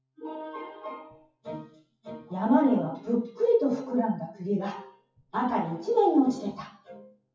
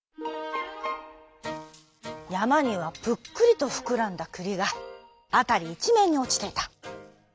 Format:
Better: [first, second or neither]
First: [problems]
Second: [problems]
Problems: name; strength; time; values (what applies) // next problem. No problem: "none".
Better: second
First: noise reduction (classical method WPE with log-MMSE)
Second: none